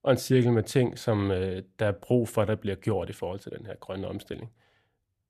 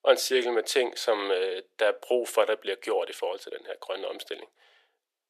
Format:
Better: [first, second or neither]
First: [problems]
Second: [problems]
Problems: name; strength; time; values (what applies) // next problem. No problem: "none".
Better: first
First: none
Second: thin; very; fading below 400 Hz